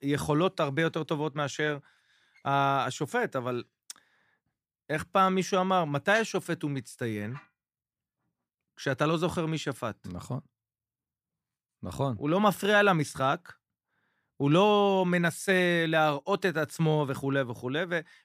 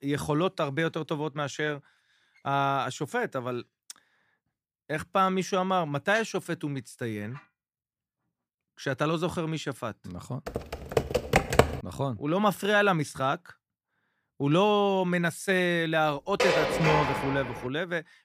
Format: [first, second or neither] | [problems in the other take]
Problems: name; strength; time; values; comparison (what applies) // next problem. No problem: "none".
first | keyboard typing; loud; from 10 to 12 s; peak 5 dB above the speech // clattering dishes; loud; from 16 to 18 s; peak 3 dB above the speech